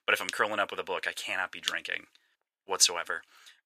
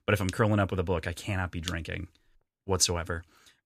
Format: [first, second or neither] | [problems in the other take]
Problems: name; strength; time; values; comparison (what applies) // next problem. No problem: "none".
second | thin; very; fading below 650 Hz